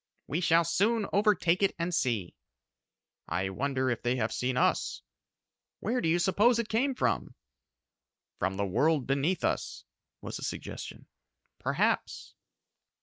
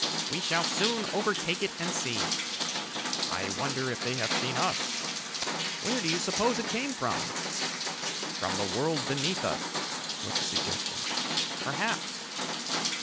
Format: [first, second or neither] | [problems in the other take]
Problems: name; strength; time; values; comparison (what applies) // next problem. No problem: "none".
first | background sound (Rain); 2 dB above the speech